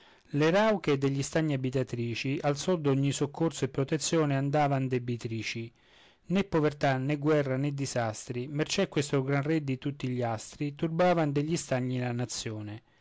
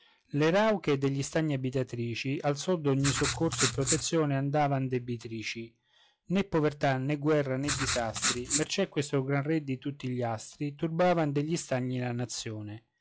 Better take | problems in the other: first | noise reduction (classical method log-MMSE)

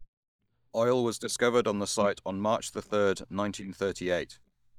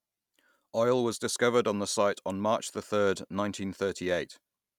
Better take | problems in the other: second | noise reduction (neural mask model DeepFilterNet 3)

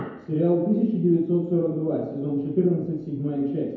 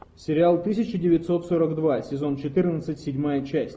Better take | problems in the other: second | room echo; dies away in 0.9 s

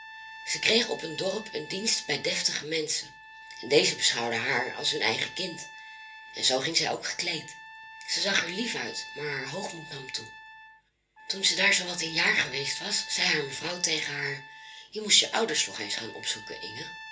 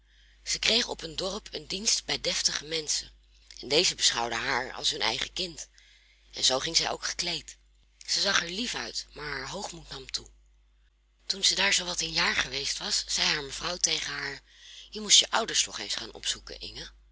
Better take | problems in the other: second | background sound (Trumpet); 15 dB below the speech // room echo; dies away in 0.3 s

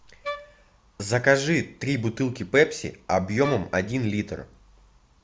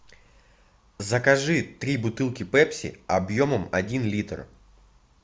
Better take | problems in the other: second | background sound (Wind instrument, woodwind instrument); 11 dB below the speech

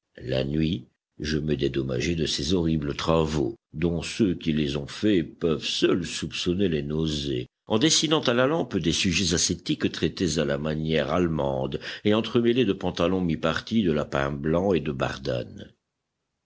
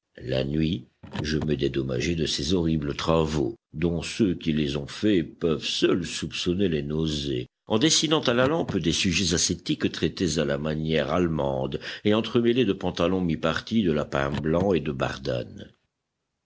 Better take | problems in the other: first | background sound (Car); 17 dB below the speech

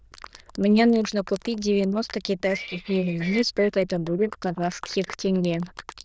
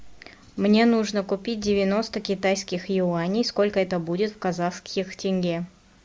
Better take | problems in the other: second | noise reduction (neural diffusion model UNIVERSE++)

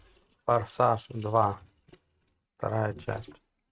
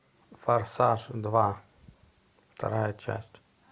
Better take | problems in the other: second | noise reduction (neural mask model RNNoise)

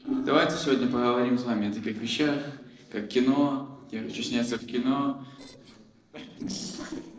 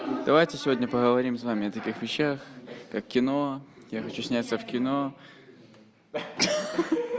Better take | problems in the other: second | noise reduction (neural separator model SepFormer DNS4)

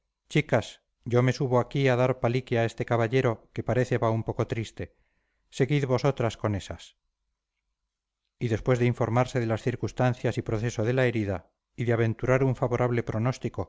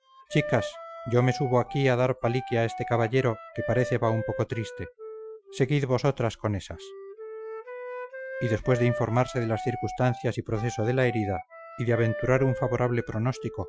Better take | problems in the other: first | noise reduction (classical method Wiener filter)

